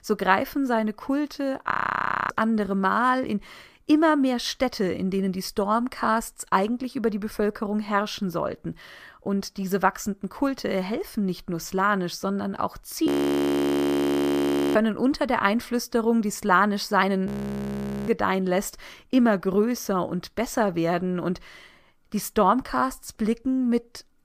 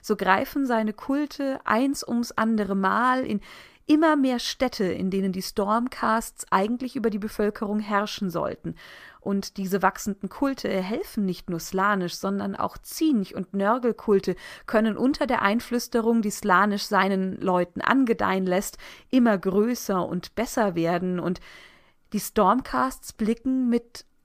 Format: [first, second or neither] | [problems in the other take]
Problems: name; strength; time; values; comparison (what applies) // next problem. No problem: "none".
second | audio freezing; at 1.5 s for 0.5 s, at 13 s for 1.5 s and at 17 s for 1 s